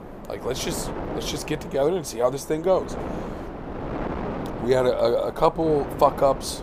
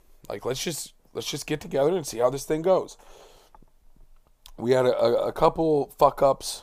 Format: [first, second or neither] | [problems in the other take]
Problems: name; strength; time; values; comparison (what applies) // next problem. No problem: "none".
second | wind noise on the microphone; occasional gusts; 10 dB below the speech